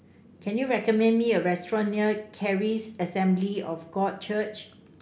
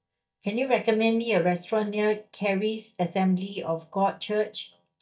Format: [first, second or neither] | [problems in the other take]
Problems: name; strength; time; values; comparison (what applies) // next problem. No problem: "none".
first | noise reduction (neural mask model DeepFilterNet 3)